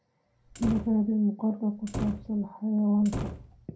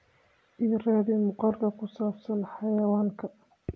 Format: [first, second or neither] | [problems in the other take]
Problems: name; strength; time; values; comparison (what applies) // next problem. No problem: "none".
second | background sound (Slam); 10 dB below the speech // room echo; dies away in 0.2 s